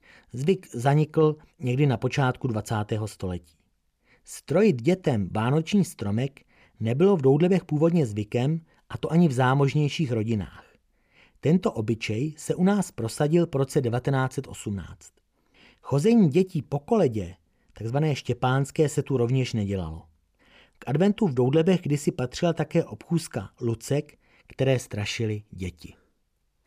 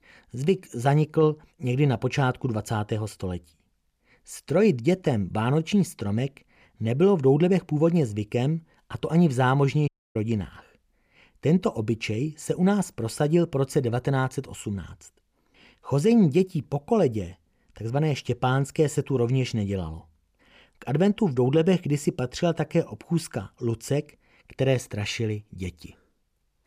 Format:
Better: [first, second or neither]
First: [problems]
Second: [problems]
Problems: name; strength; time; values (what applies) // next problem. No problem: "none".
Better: first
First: none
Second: audio cutting out; at 10 s